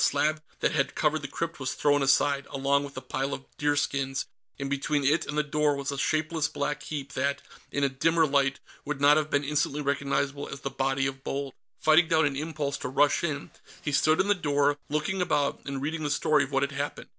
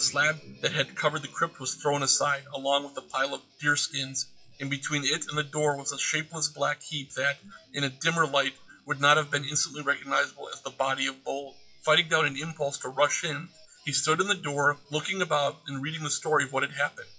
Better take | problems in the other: first | noise reduction (classical method WPE with log-MMSE)

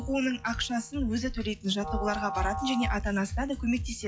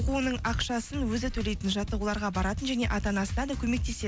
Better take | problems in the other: second | noise reduction (classical method log-MMSE)

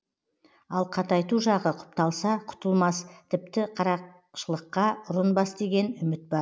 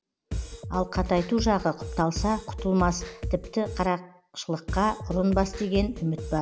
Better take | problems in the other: first | background sound (Drum kit); 7 dB below the speech

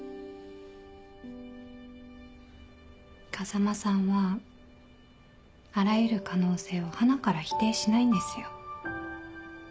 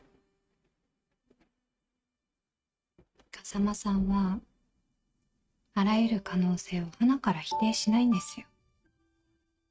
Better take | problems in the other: first | noise reduction (neural mask model RNNoise)

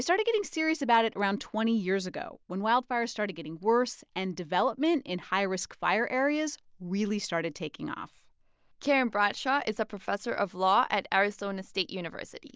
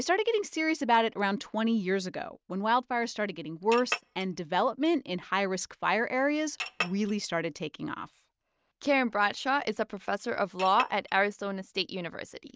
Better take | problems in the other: first | noise reduction (neural mask model RNNoise)

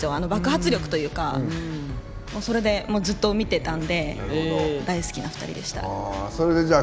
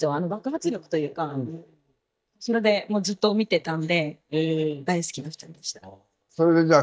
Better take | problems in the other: first | noise reduction (neural mask model DeepFilterNet 3)

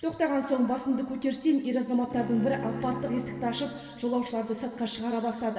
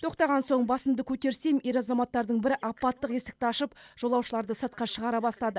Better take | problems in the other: second | background sound (Bowed string instrument); 11 dB below the speech // room echo; dies away in 2.4 s

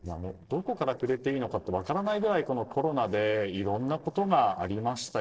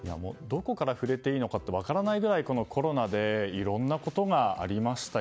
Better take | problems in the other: second | noise reduction (neural separator model SepFormer DNS4)

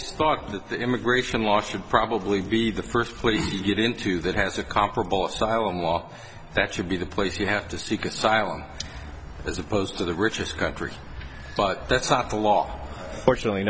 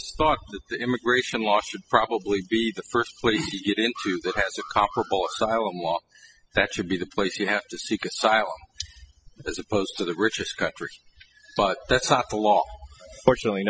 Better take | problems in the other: first | noise reduction (classical method spectral subtraction)

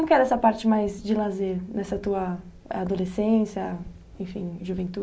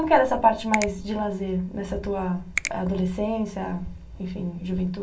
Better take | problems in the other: first | background sound (Finger snapping); 10 dB below the speech // room echo; dies away in 0.2 s

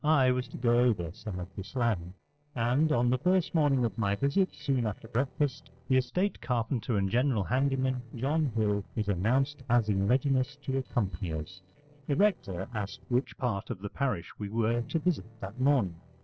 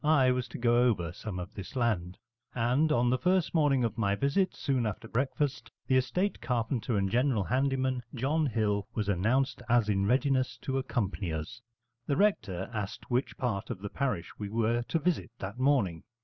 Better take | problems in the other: second | noise reduction (neural separator model SepFormer DNS4)

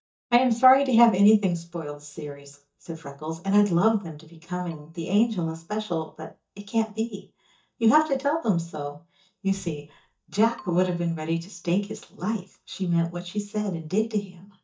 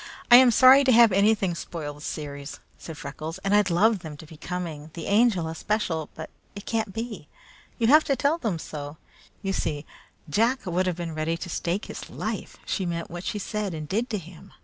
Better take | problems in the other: second | noise reduction (neural mask model DeepFilterNet 3)

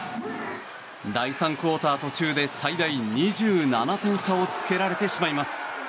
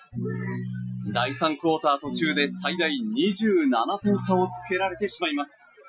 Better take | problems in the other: first | noise reduction (classical method Wiener filter)

